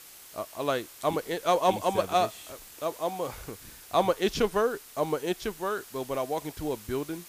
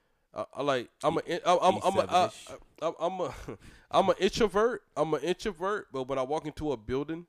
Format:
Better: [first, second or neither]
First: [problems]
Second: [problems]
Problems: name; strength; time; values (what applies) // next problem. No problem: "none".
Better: second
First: hiss; noticeable; throughout; 15 dB below the speech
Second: none